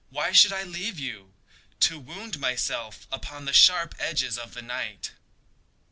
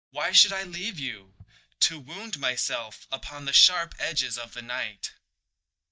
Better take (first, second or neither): first